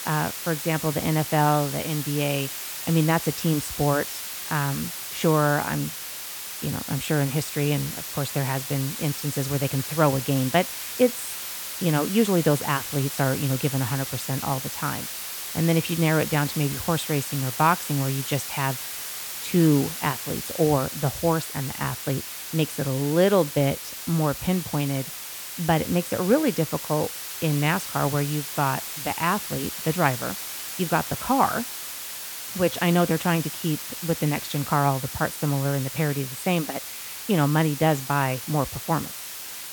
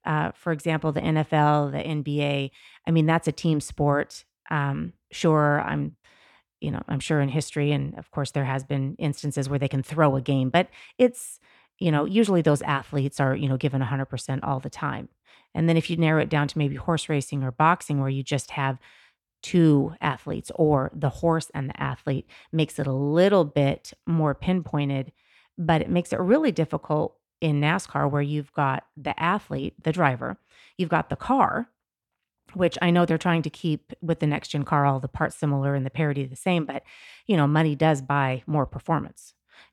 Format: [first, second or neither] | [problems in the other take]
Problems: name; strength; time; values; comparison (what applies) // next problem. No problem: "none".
second | hiss; loud; throughout; 6 dB below the speech